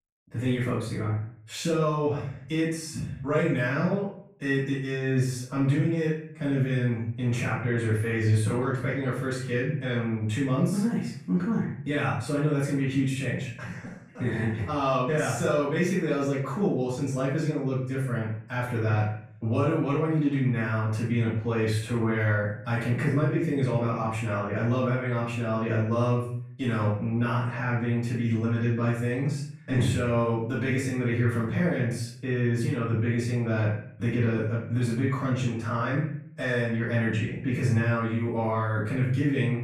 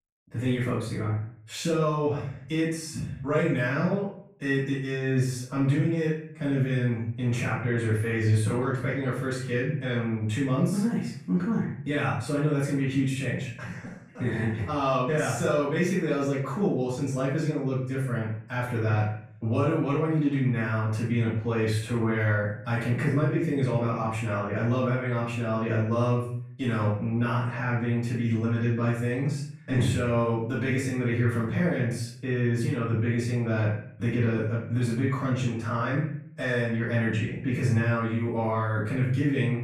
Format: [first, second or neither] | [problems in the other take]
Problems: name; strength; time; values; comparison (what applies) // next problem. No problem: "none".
neither | off-mic speech; far; the same in both // room echo; noticeable; dies away in 0.5 s; the same in both